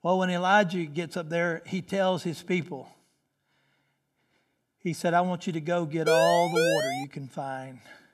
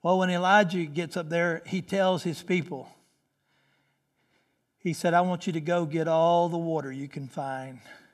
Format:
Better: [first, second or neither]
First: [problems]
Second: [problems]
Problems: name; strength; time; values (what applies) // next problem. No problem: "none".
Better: second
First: siren; loud; at 6 s; peak 3 dB above the speech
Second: none